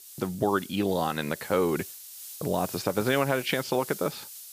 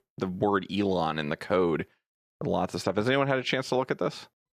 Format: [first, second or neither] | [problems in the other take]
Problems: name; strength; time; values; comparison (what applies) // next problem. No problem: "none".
second | hiss; noticeable; throughout; 10 dB below the speech